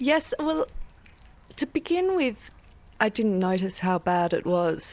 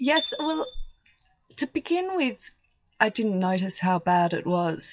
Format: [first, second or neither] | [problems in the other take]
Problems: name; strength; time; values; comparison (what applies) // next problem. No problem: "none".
first | noise reduction (classical method WPE with log-MMSE)